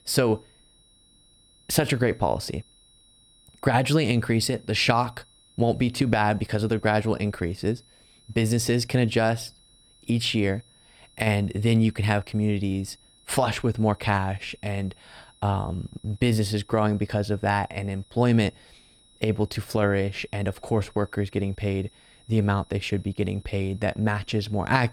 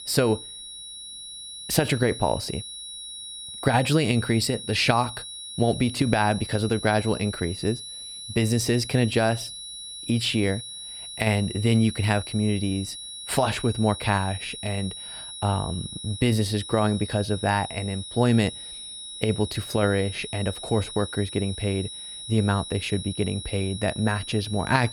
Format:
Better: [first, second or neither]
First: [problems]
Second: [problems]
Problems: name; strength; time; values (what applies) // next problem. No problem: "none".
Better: first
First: high-pitched whine; faint; throughout; 4 kHz, 30 dB below the speech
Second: high-pitched whine; loud; throughout; 4 kHz, 10 dB below the speech